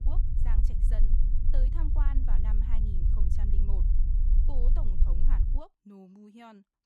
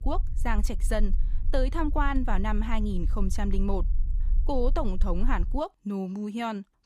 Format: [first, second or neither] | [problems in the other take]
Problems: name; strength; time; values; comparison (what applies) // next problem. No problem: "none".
second | low rumble; loud; until 5.5 s; 2 dB below the speech; faint in the second